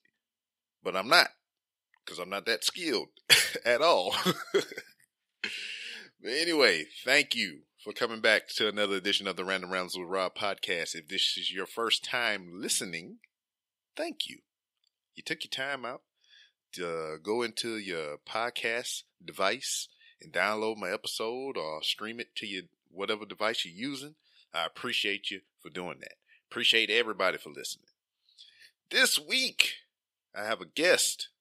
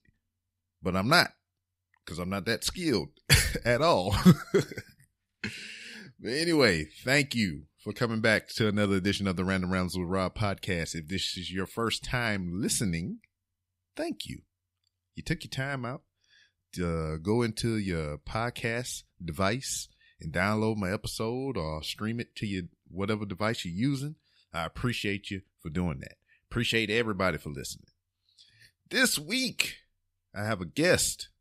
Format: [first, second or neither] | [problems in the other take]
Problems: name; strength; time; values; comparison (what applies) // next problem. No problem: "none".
second | thin; somewhat; fading below 450 Hz